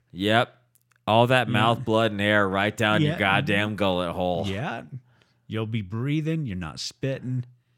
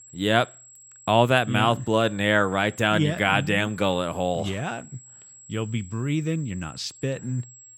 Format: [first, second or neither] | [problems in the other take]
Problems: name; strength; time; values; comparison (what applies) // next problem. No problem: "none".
first | high-pitched whine; faint; throughout; 7.5 kHz, 20 dB below the speech